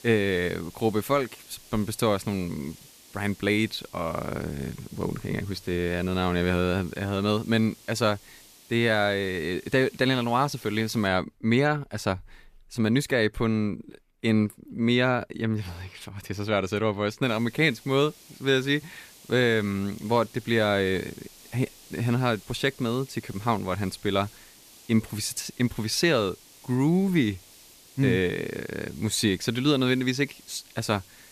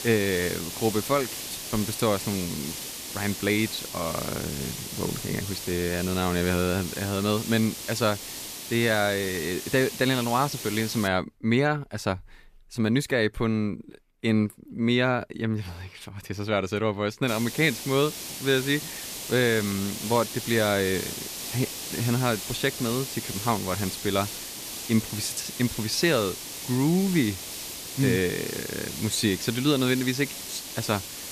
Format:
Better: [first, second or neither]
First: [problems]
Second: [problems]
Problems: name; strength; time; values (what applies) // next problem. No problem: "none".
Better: first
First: hiss; faint; until 11 s and from 17 s on; 25 dB below the speech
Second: hiss; loud; until 11 s and from 17 s on; 7 dB below the speech